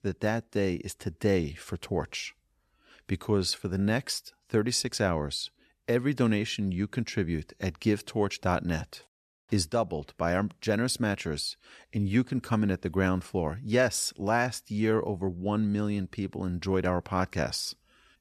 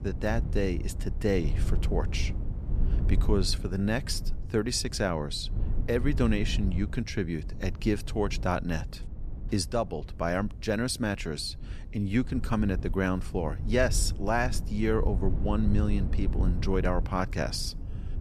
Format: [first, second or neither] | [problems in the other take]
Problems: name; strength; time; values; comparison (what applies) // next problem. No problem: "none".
first | low rumble; noticeable; throughout; 15 dB below the speech